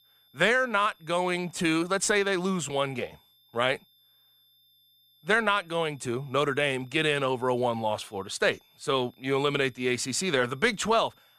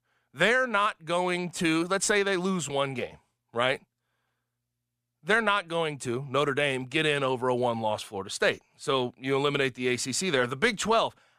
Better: second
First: high-pitched whine; faint; throughout; 3.5 kHz, 35 dB below the speech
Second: none

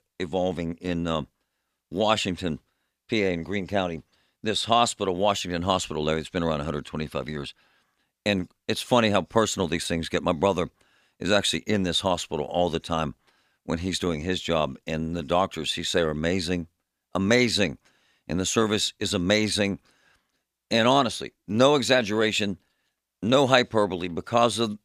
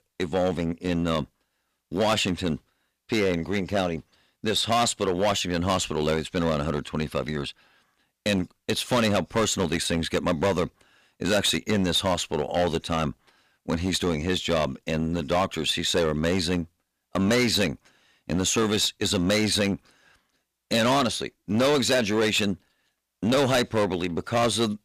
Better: first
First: none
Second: distortion; heavy; 8% of the sound clipped

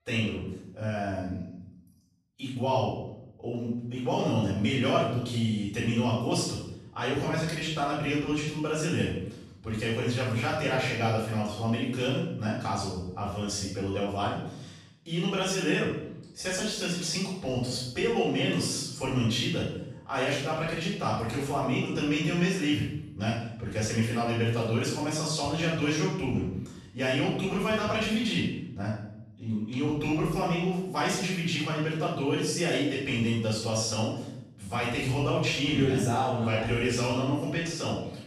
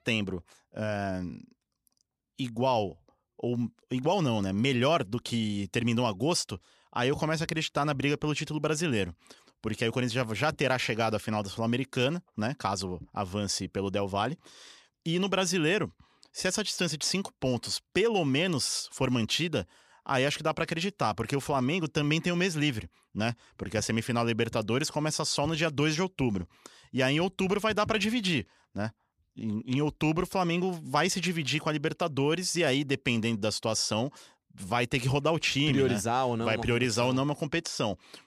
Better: second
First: off-mic speech; far // room echo; noticeable; dies away in 0.7 s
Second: none

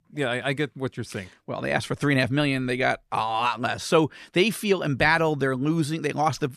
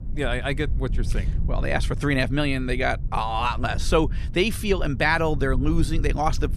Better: first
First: none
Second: low rumble; faint; throughout; 20 dB below the speech

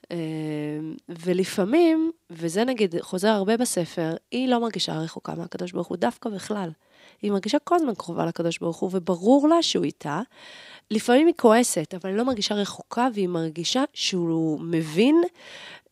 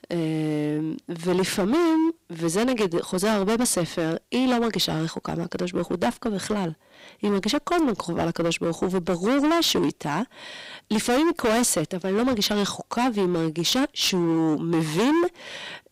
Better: first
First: none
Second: distortion; heavy; 18% of the sound clipped

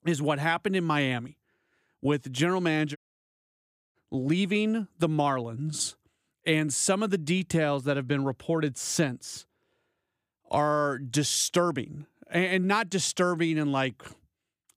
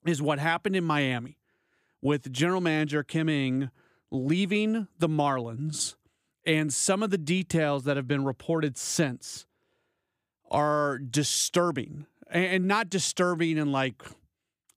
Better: second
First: audio cutting out; at 3 s for 1 s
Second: none

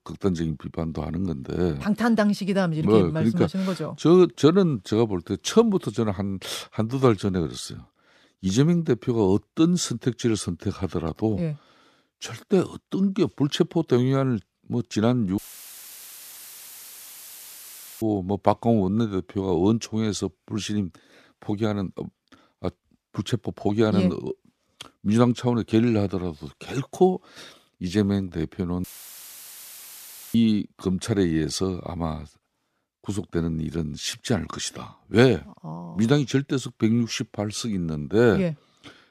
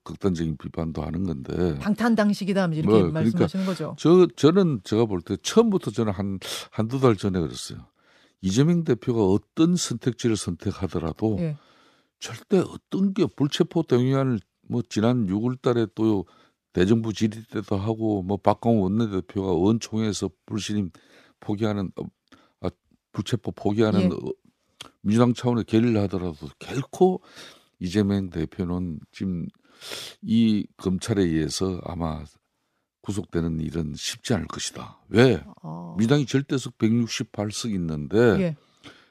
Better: second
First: audio cutting out; filled with static; at 15 s for 2.5 s and at 29 s for 1.5 s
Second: none

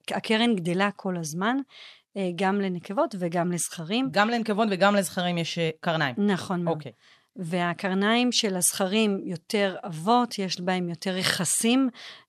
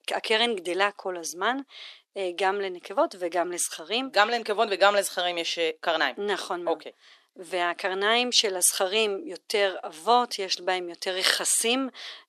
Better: first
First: none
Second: thin; somewhat; fading below 300 Hz

